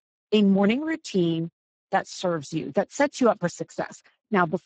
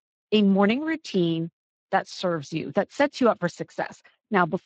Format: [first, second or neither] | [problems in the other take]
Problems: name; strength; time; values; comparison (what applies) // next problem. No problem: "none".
second | garbled, watery; badly; nothing above 7.5 kHz; slightly in the second